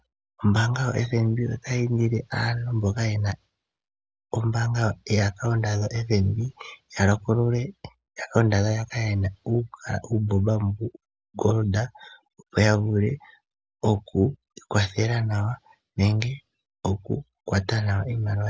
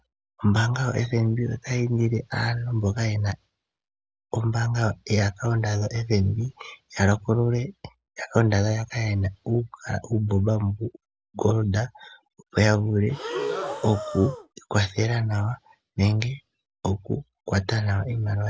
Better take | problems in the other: first | background sound (Breathing); 7 dB below the speech

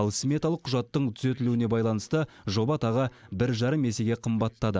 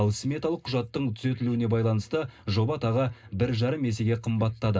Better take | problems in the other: first | room echo; dies away in 0.2 s

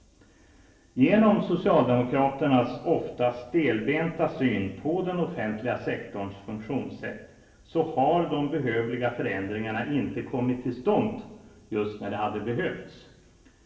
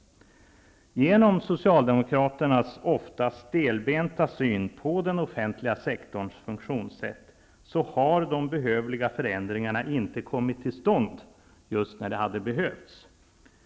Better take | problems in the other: second | room echo; dies away in 0.9 s

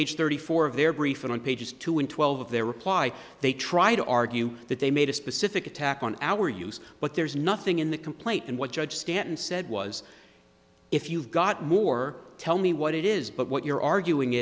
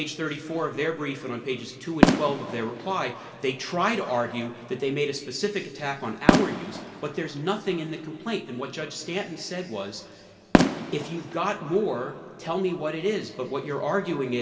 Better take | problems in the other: first | background sound (Fireworks); 1 dB below the speech // room echo; dies away in 2.3 s

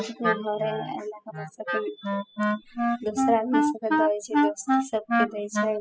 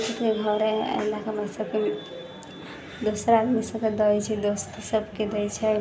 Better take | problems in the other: second | noise reduction (classical method spectral subtraction)

